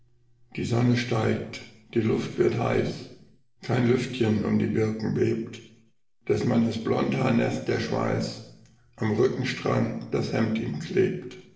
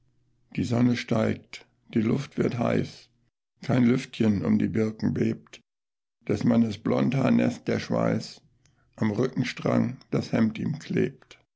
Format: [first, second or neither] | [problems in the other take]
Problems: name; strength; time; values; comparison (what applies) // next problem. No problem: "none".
second | room echo; dies away in 0.7 s